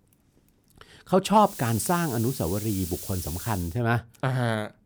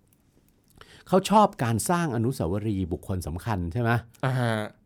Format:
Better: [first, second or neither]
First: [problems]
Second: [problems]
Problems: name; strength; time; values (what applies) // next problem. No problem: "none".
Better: second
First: hiss; very faint; from 1.5 to 3.5 s; 10 dB below the speech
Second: none